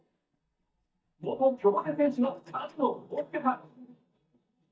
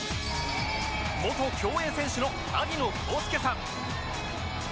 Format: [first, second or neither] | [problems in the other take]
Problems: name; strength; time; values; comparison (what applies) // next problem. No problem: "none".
second | noise reduction (neural mask model DeepFilterNet 3)